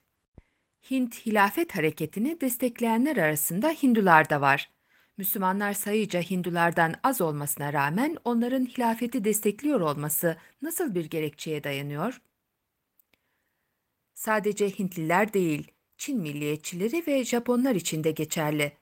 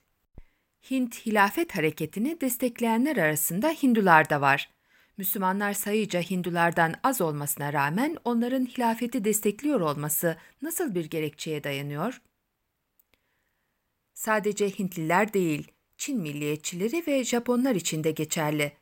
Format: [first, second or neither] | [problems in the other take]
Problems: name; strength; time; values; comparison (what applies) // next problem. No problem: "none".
second | garbled, watery; slightly; nothing above 16 kHz